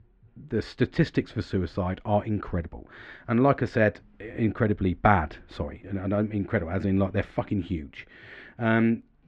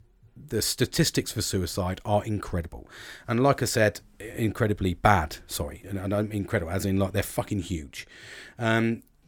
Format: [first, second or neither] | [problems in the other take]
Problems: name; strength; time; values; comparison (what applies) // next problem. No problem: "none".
second | muffled; very; fading above 2.5 kHz